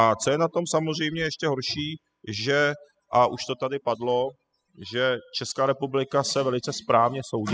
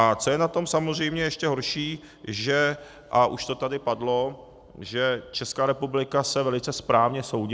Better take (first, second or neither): second